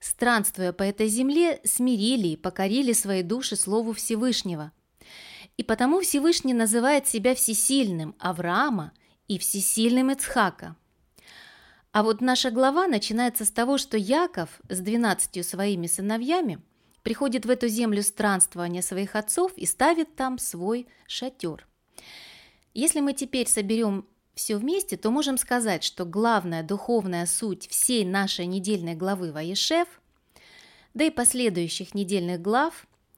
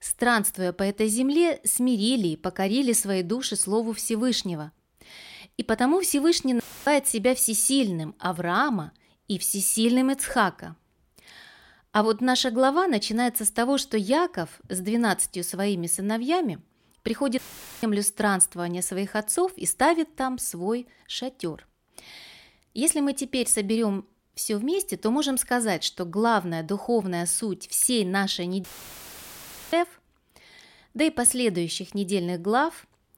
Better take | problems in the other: first | audio cutting out; filled with static; at 6.5 s, at 17 s and at 29 s for 1 s

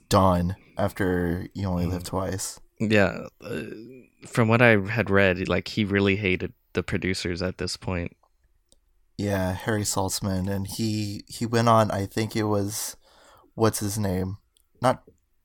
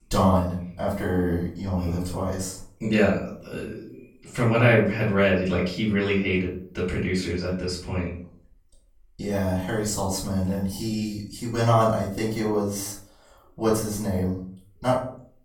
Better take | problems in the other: first | off-mic speech; far // room echo; noticeable; dies away in 0.4 s

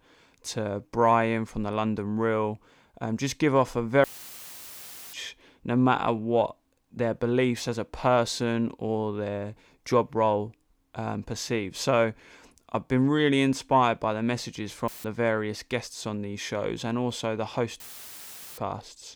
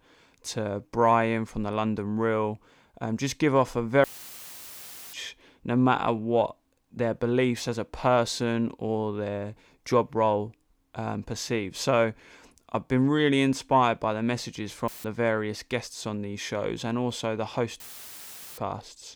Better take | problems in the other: neither | audio cutting out; filled with static; at 4 s for 1 s, at 15 s and at 18 s for 1 s; the same in both

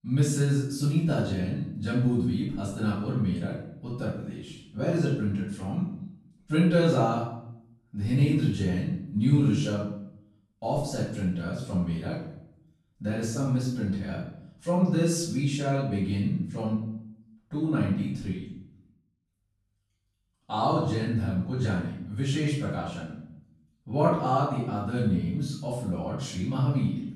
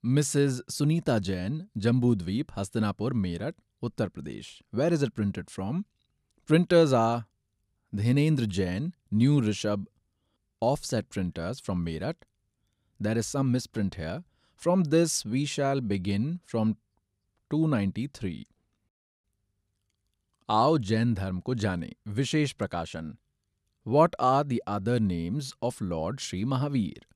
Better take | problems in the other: second | off-mic speech; far // room echo; noticeable; dies away in 0.6 s

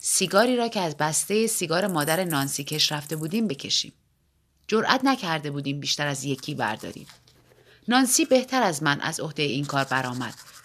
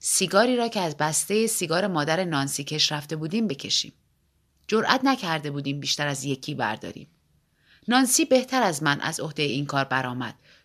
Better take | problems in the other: second | household noises; noticeable; throughout; 15 dB below the speech

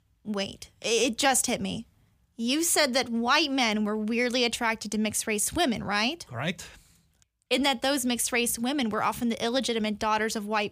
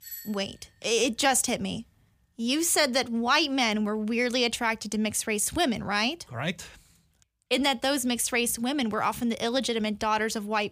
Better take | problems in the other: first | doorbell; faint; at the start; peak 15 dB below the speech

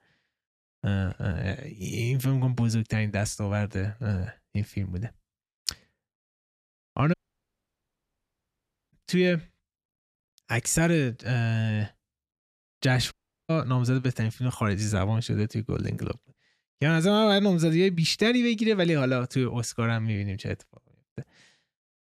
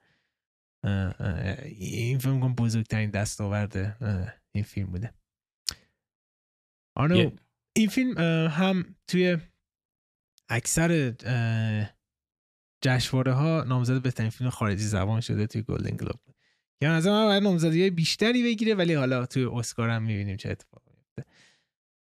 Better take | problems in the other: second | audio cutting out; at 7 s for 2 s and at 13 s

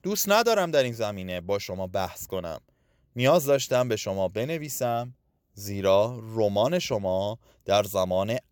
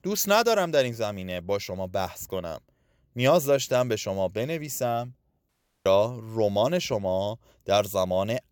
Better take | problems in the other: first | audio cutting out; at 5.5 s

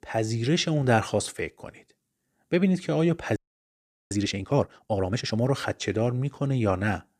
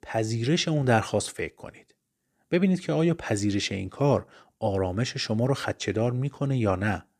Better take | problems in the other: second | audio freezing; at 3.5 s for 1 s

